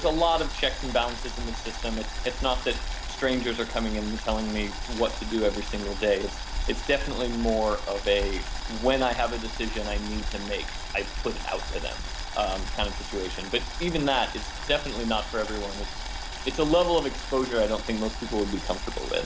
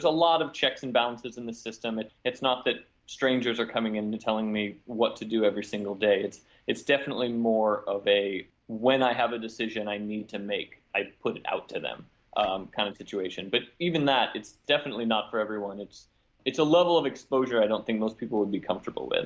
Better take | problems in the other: second | background sound (Boiling); 4 dB below the speech

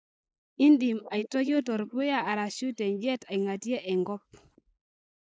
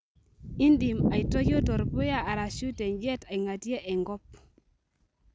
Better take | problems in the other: second | noise reduction (neural mask model Resemble Enhance denoiser)

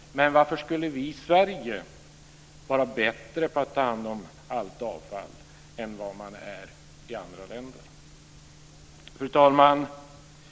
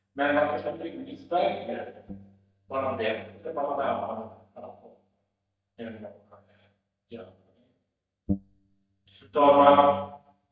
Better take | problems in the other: first | noise reduction (neural mask model DeepFilterNet 3)

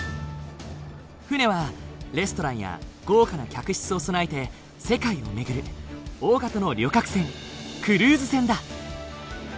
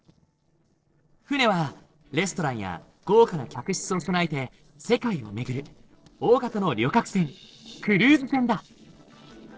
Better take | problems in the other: first | noise reduction (neural separator model SepFormer DNS4)

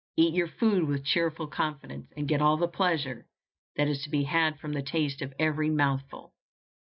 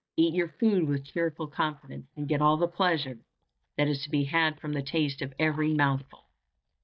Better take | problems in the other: first | noise reduction (neural mask model DeepFilterNet 3)

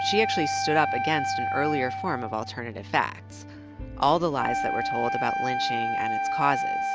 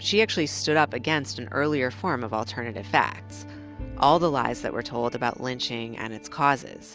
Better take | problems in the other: second | background sound (Wind instrument, woodwind instrument); 1 dB below the speech

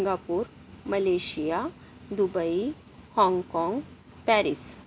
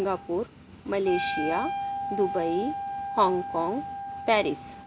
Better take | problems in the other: first | background sound (Wind instrument, woodwind instrument); 5 dB below the speech

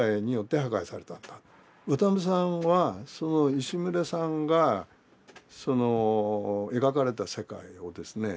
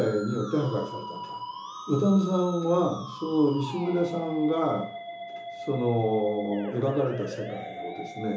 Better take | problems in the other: first | background sound (Musical instrument); 11 dB below the speech // room echo; dies away in 1.2 s

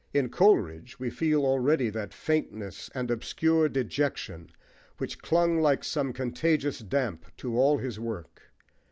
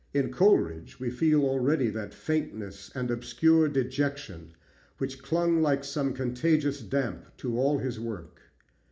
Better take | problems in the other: first | room echo; dies away in 0.4 s

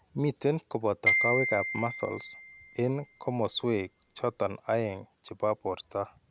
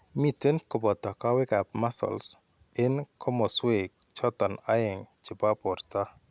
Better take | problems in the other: second | background sound (Glockenspiel); 2 dB below the speech

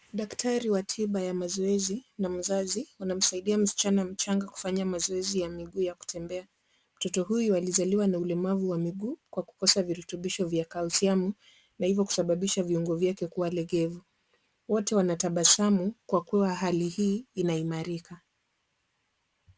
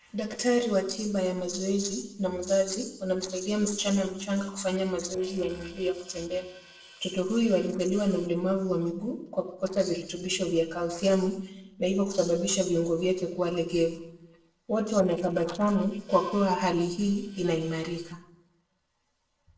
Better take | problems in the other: first | noise reduction (neural separator model SepFormer DNS4)

